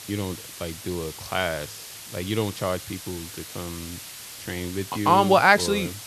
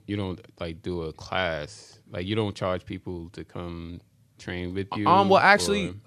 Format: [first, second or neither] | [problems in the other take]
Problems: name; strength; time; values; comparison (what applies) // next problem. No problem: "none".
second | hiss; noticeable; throughout; 15 dB below the speech